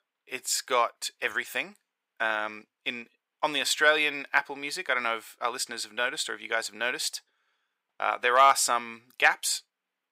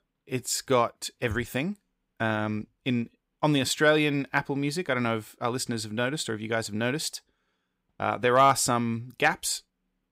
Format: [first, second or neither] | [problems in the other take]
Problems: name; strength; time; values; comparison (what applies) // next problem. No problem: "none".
second | thin; very; fading below 650 Hz